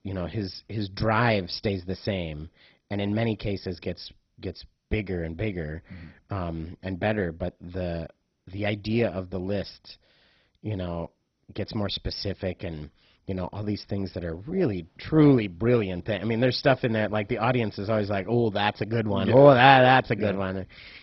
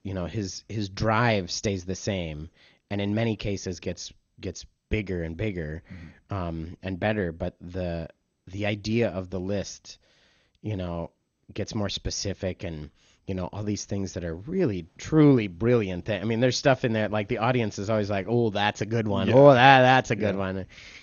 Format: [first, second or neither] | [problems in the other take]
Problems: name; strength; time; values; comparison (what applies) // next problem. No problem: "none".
second | garbled, watery; badly; nothing above 5.5 kHz; slightly in the second